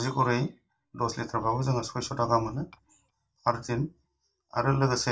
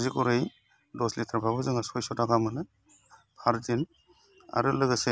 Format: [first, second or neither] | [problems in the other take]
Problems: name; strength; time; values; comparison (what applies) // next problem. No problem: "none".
second | noise reduction (neural mask model DeepFilterNet 3)